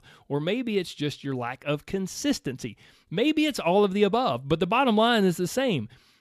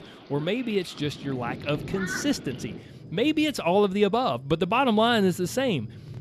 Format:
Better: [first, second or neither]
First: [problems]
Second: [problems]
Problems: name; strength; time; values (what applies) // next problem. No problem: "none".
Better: first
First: none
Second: rain or running water; noticeable; throughout; 15 dB below the speech